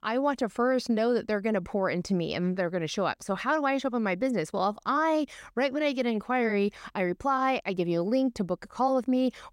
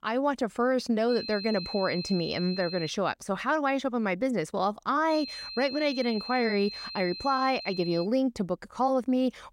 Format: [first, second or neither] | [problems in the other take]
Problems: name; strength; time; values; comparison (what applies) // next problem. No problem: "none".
first | high-pitched whine; loud; from 1 to 3 s and from 5 to 8 s; 4 kHz, 9 dB below the speech